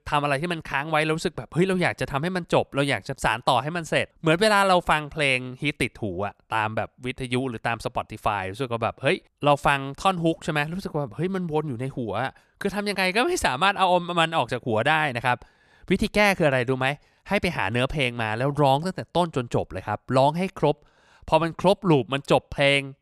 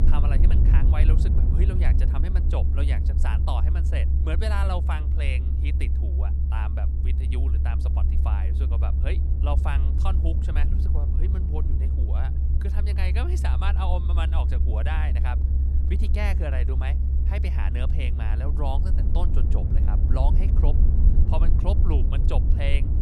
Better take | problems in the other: first | low rumble; loud; throughout; 4 dB below the speech

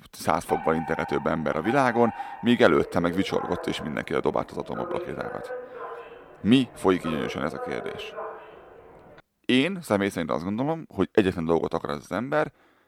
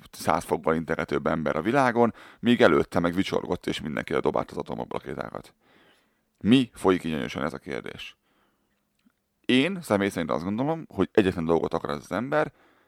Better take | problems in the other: second | alarm; noticeable; until 9 s; peak 7 dB below the speech

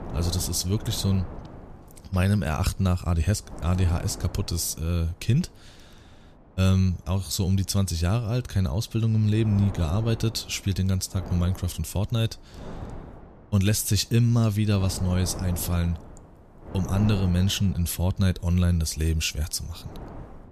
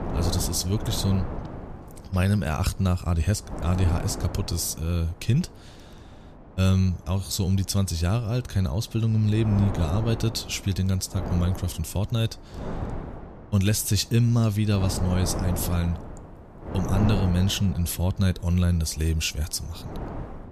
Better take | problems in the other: first | wind noise on the microphone; heavy; 7 dB below the speech; occasional gusts in the first

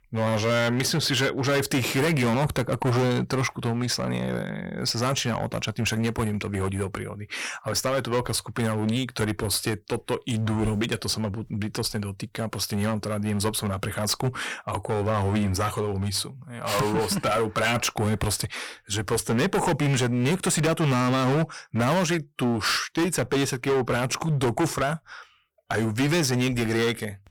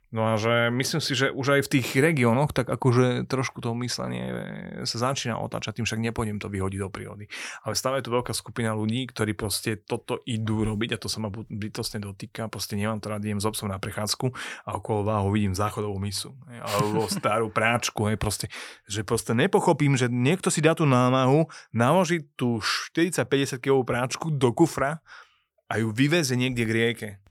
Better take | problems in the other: second | distortion; heavy; 15% of the sound clipped

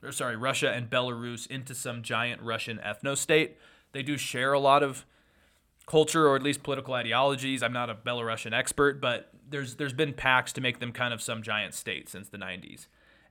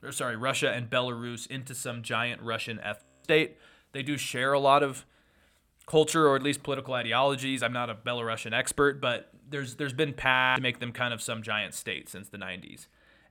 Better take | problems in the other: first | audio freezing; at 3 s and at 10 s

